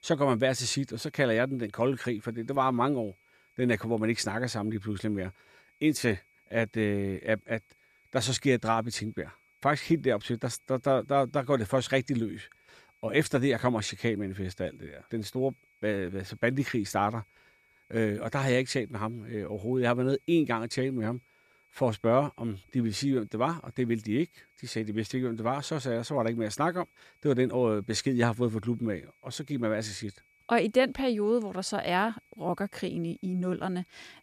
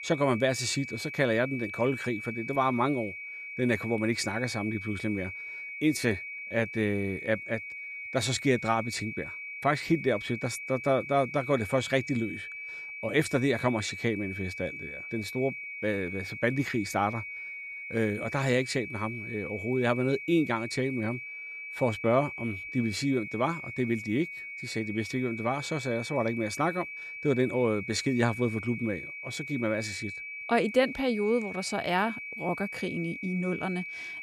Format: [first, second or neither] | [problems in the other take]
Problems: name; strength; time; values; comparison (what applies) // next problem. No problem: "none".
first | high-pitched whine; loud; throughout; 2.5 kHz, 8 dB below the speech; faint in the first